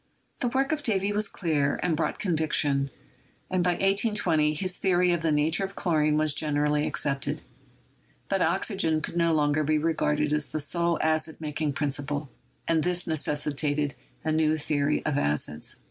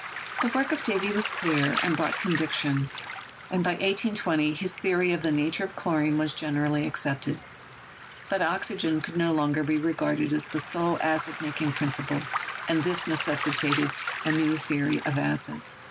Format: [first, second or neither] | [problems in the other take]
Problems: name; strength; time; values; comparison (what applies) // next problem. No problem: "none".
first | background sound (Waves, surf); 9 dB below the speech